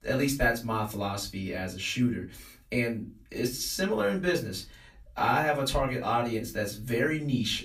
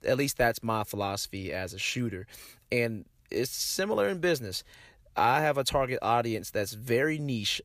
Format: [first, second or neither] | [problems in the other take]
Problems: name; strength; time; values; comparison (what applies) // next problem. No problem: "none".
second | off-mic speech; far // room echo; very slight; dies away in 0.3 s